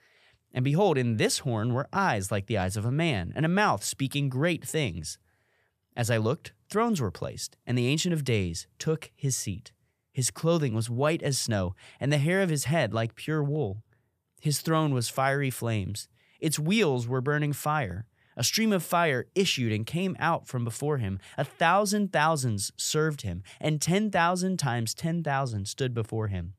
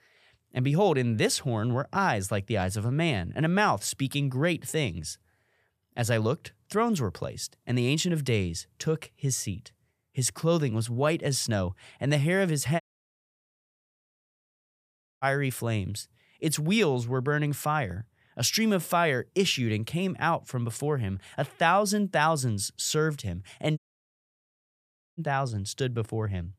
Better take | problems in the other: first | audio cutting out; at 13 s for 2.5 s and at 24 s for 1.5 s

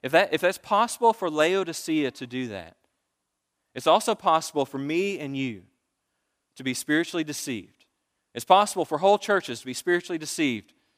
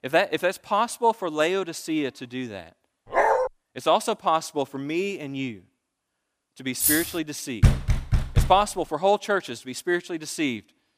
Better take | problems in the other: first | dog barking; loud; at 3 s; peak 4 dB above the speech // jangling keys; loud; at 7 s; peak 4 dB above the speech // door banging; loud; at 7.5 s; peak 4 dB above the speech

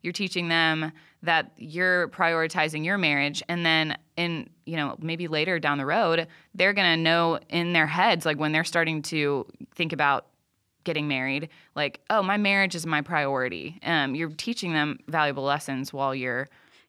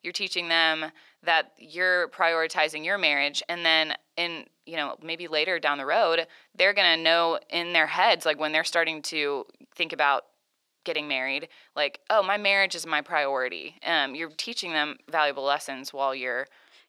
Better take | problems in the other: first | thin; somewhat; fading below 500 Hz

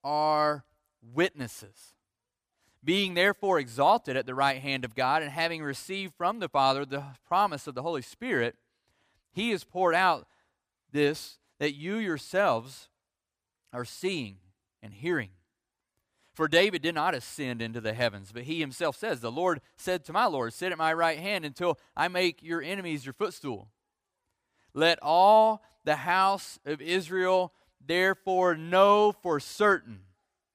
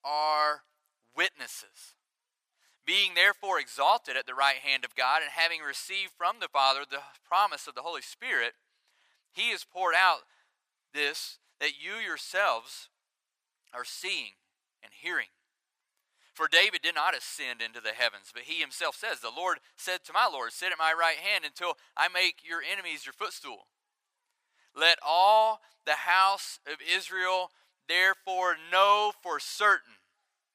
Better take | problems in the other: first | thin; very; fading below 900 Hz

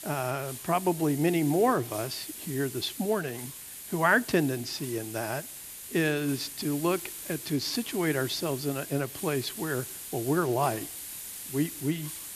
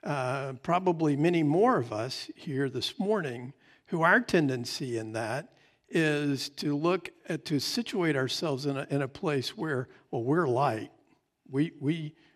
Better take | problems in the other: second | hiss; loud; throughout; 9 dB below the speech

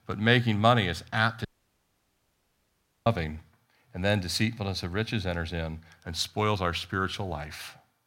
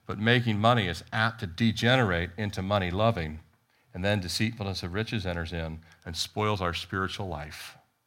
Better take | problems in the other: second | audio cutting out; at 1.5 s for 1.5 s

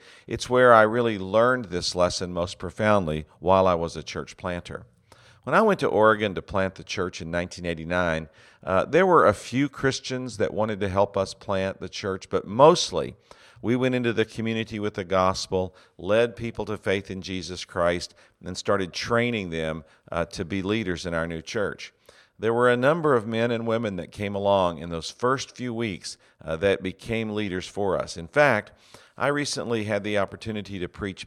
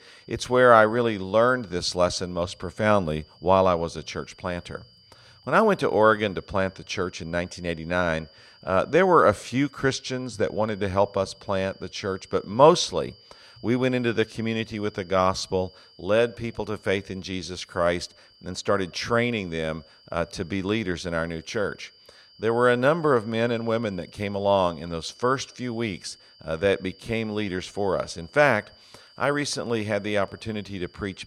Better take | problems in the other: first | high-pitched whine; faint; throughout; 4.5 kHz, 25 dB below the speech

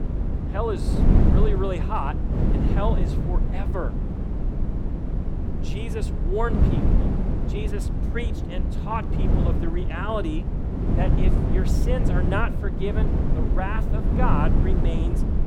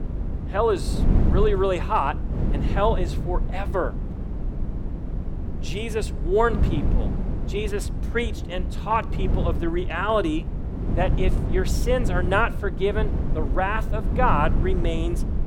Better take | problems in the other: second | wind noise on the microphone; heavy; 3 dB below the speech; occasional gusts in the second

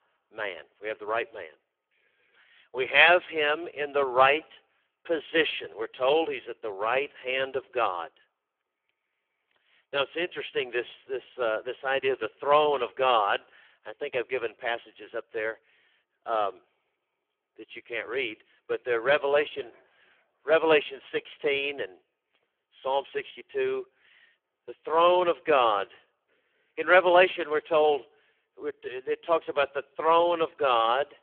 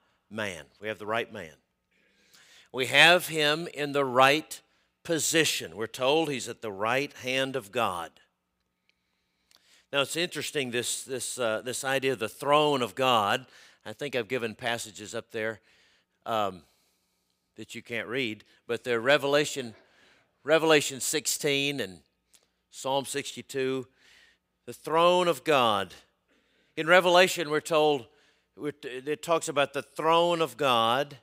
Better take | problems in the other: second | phone-call audio; poor line; nothing above 3.5 kHz

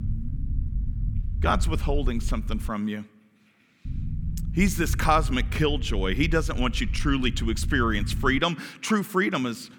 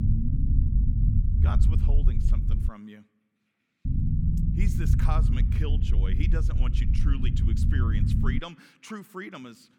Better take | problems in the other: first | low rumble; loud; until 2.5 s and from 4 to 8.5 s; 1 dB below the speech; faint in the first

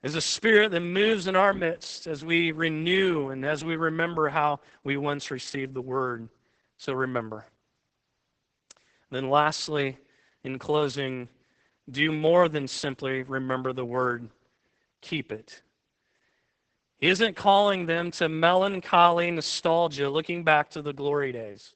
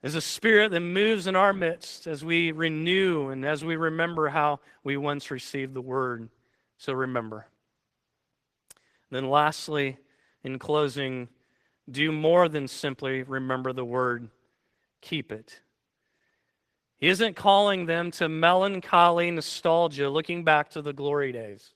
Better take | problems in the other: second | garbled, watery; badly; nothing above 8 kHz; slightly in the second

